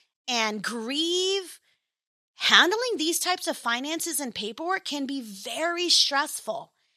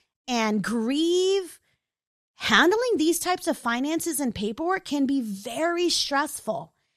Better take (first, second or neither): second